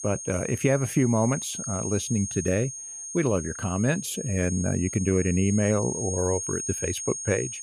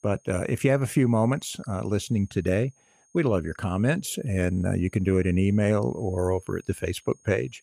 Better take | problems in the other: second | high-pitched whine; loud; throughout; 6.5 kHz, 6 dB below the speech; faint in the second

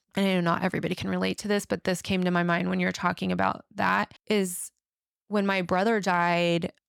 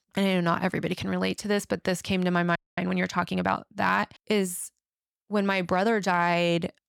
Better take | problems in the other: first | audio freezing; at 2.5 s

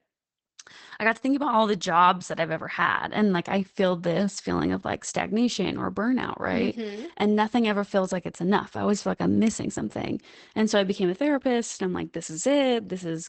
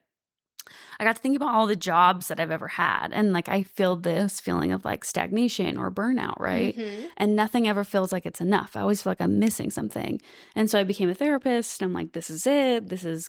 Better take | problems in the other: second | garbled, watery; badly; nothing above 8 kHz; slightly in the second

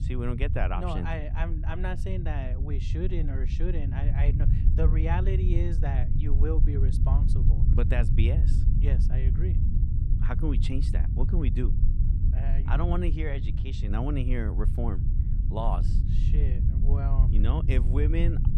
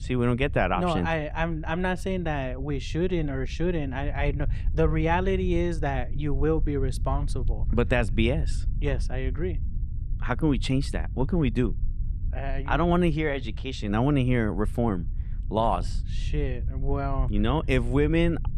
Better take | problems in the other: second | low rumble; loud; throughout; 6 dB below the speech; faint in the second

